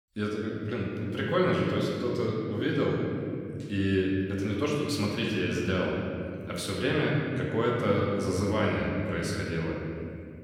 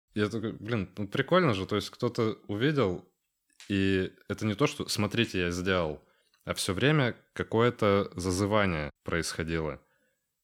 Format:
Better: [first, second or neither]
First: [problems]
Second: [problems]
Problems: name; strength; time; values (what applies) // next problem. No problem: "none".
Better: second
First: room echo; noticeable; dies away in 2.9 s // off-mic speech; far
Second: none